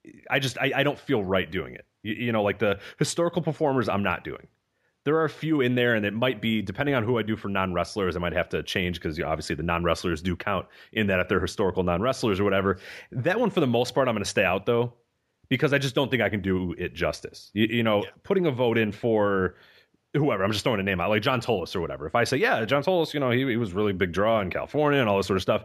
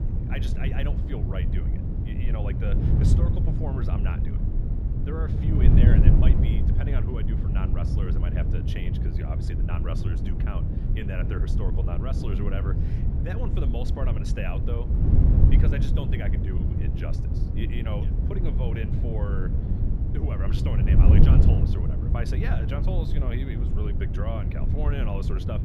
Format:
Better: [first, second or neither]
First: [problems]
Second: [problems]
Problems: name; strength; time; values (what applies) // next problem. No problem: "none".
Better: first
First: none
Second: wind noise on the microphone; heavy; 1 dB above the speech